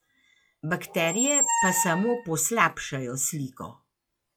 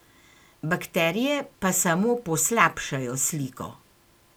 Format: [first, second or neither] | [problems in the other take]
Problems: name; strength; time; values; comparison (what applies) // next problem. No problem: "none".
second | noise reduction (classical method log-MMSE)